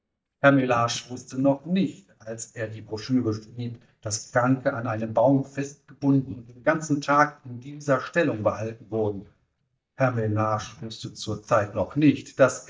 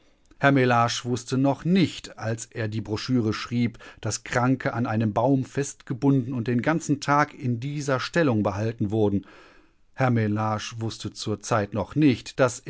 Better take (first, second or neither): second